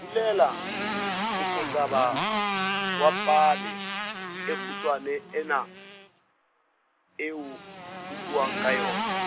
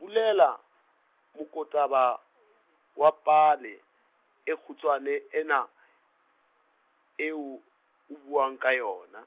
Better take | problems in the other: second | background sound (Motorcycle); 3 dB below the speech

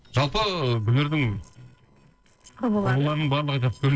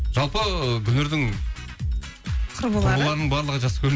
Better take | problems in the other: second | noise reduction (neural separator model SepFormer DNS4)

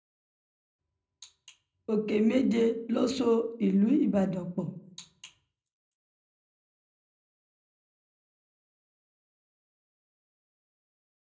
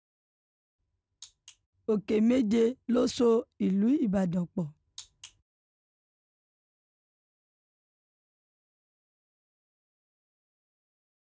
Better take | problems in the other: second | room echo; dies away in 0.4 s

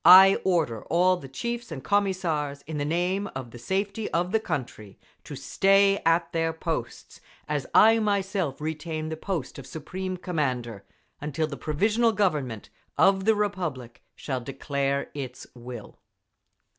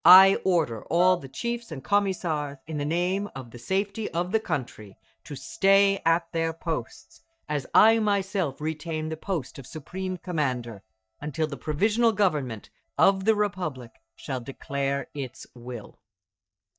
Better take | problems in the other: first | noise reduction (neural mask model DeepFilterNet 3)

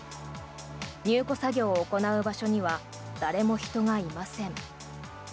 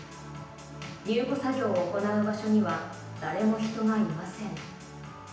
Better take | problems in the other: first | room echo; dies away in 0.9 s

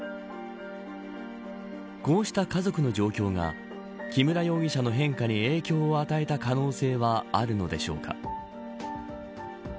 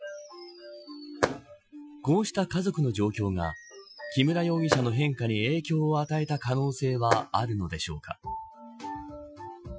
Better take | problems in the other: first | noise reduction (classical method Wiener filter)

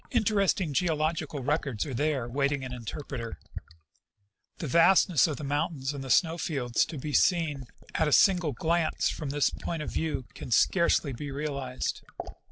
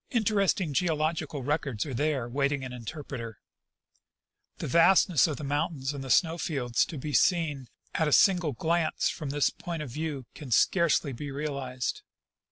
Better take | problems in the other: second | background sound (Fill (with liquid)); 10 dB below the speech

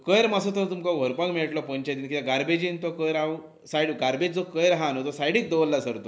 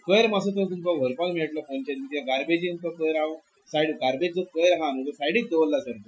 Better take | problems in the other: first | noise reduction (classical method Wiener filter)

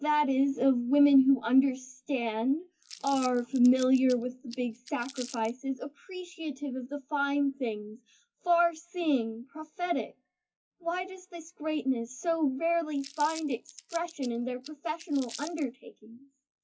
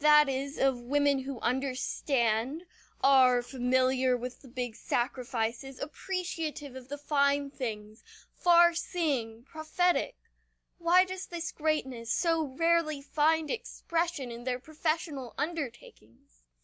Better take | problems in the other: second | noise reduction (classical method WPE with log-MMSE)

